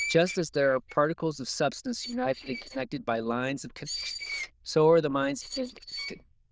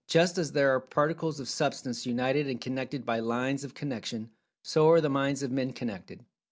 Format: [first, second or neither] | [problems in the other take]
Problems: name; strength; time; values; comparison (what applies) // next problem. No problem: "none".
second | noise reduction (neural diffusion model UNIVERSE++)